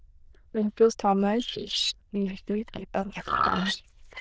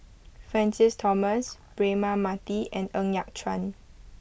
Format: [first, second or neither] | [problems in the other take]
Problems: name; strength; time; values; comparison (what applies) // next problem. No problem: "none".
second | noise reduction (neural diffusion model UNIVERSE++)